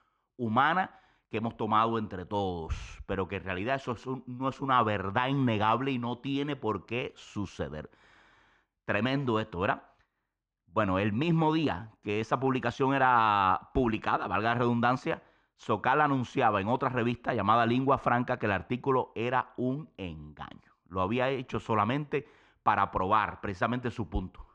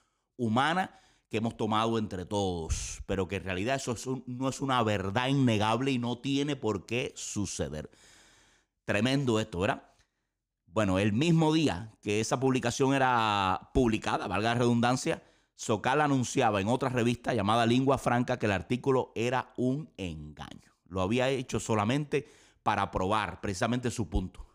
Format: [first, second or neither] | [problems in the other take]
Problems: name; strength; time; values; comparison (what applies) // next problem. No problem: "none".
second | muffled; very; fading above 2.5 kHz